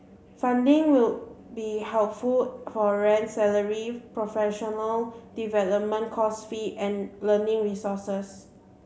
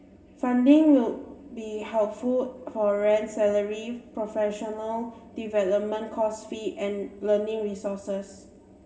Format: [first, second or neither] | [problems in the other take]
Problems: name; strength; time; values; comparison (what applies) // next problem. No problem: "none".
first | room echo; dies away in 2.1 s